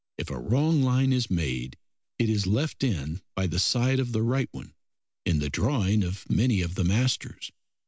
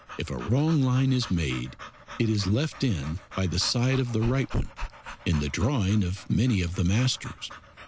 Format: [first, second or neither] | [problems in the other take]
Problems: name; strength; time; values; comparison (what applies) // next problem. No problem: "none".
first | background sound (Dog / Breathing); 13 dB below the speech